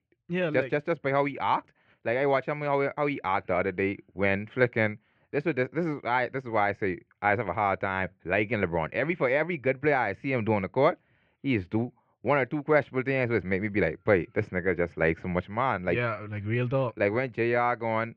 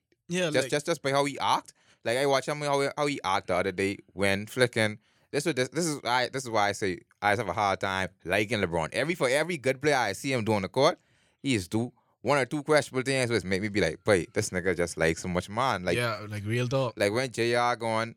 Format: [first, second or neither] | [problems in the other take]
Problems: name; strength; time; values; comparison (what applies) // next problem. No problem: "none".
second | muffled; very; fading above 2.5 kHz